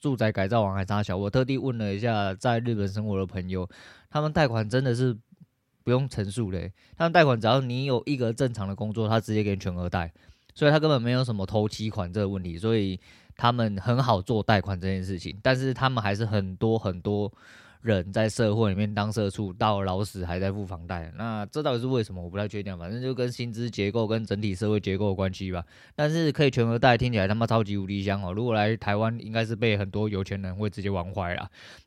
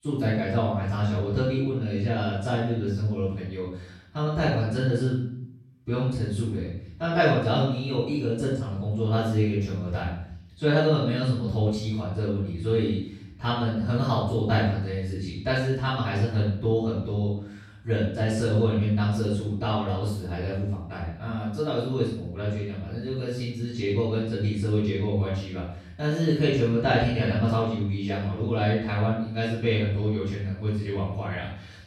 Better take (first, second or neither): first